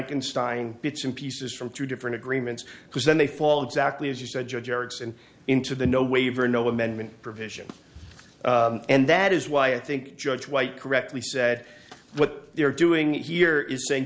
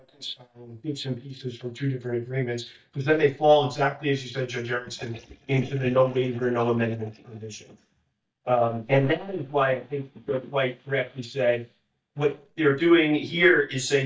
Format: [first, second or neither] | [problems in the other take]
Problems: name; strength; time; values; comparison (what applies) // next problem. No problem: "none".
first | noise reduction (neural mask model DeepFilterNet 3)